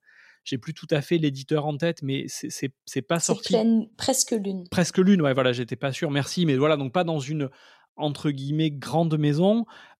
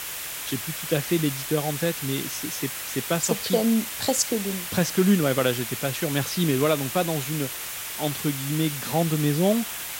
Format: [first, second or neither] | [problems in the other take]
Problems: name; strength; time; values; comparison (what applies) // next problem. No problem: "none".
first | hiss; loud; throughout; 5 dB below the speech